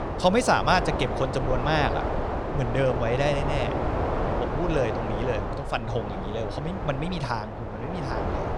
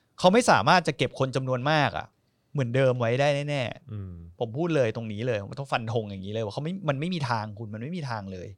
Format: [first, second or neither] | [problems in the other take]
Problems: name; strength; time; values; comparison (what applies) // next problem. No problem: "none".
second | wind noise on the microphone; heavy; 3 dB below the speech